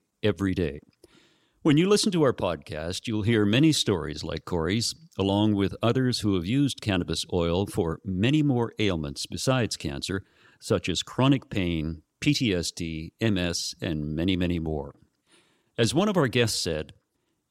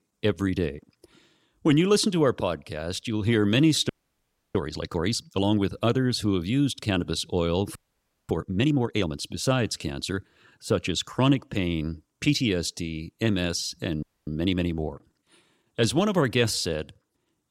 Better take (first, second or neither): first